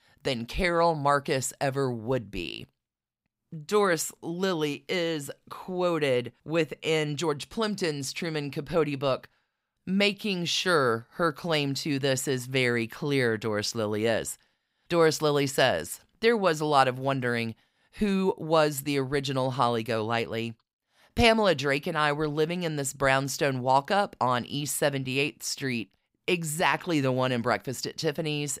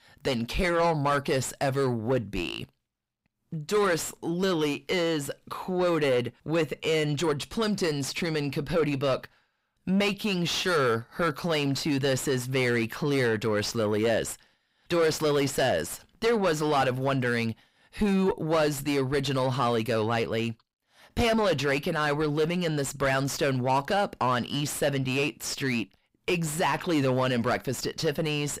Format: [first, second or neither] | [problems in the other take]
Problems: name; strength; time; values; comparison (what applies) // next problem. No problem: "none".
first | distortion; heavy; 7 dB below the speech